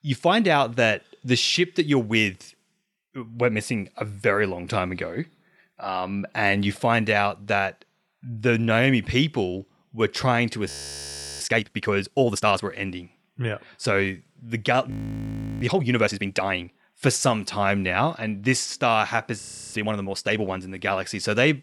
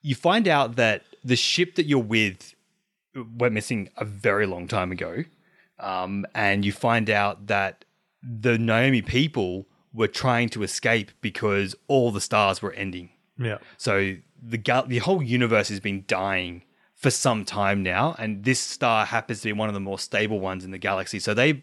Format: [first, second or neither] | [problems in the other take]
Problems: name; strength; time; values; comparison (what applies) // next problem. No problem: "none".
second | audio freezing; at 11 s for 0.5 s, at 15 s for 0.5 s and at 19 s